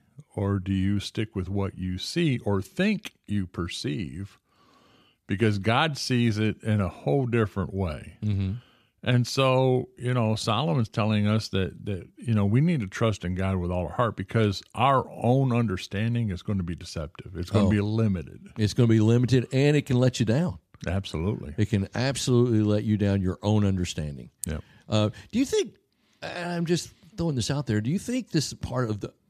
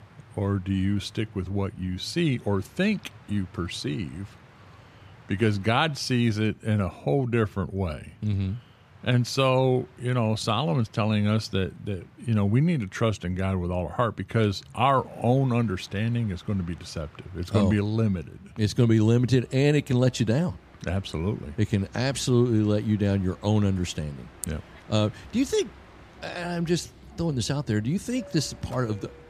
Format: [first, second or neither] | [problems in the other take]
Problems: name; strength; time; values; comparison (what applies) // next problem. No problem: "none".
first | train or aircraft noise; faint; throughout; 25 dB below the speech